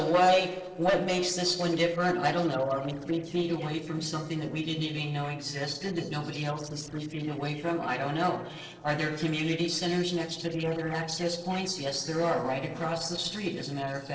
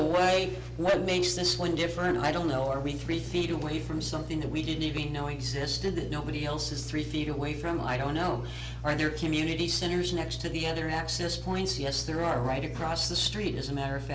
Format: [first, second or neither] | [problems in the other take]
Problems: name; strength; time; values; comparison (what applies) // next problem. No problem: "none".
second | noise reduction (neural separator model SepFormer DNS4)